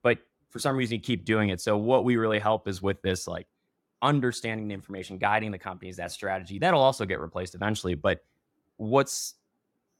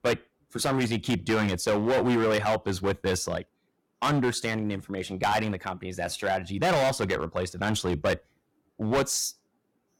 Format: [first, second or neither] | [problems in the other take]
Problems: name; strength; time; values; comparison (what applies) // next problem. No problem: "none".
first | distortion; heavy; 11% of the sound clipped